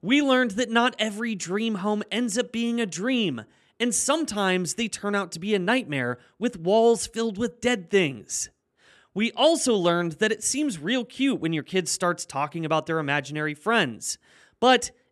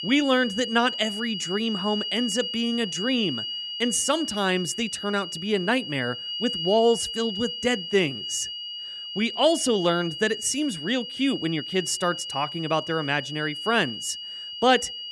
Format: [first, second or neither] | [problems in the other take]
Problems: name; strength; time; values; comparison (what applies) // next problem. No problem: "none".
first | high-pitched whine; loud; throughout; 3 kHz, 6 dB below the speech